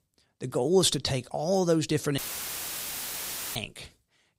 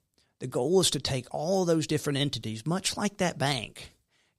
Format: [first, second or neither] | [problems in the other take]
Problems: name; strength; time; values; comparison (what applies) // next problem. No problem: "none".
second | audio cutting out; filled with static; at 2 s for 1.5 s